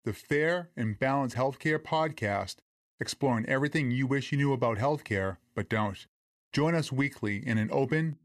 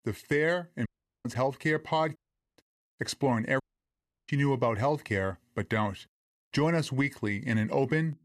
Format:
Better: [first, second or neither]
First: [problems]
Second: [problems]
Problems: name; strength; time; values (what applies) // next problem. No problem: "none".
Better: first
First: none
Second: audio cutting out; at 1 s, at 2 s and at 3.5 s for 0.5 s